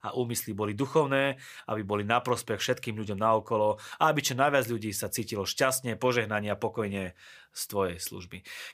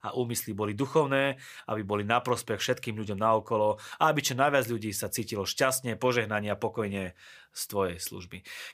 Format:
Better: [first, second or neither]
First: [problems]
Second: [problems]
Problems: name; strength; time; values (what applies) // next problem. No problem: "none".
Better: neither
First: none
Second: none